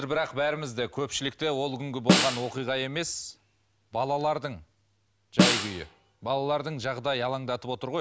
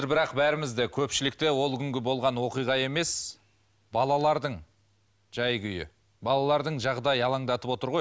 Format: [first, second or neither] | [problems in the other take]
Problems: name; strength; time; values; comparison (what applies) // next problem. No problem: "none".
second | background sound (Snare drum); 3 dB above the speech